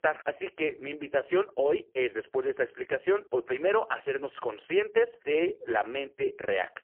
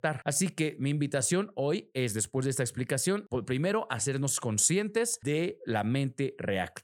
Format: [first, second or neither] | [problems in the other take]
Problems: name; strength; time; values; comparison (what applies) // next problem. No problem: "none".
second | phone-call audio; poor line; nothing above 3 kHz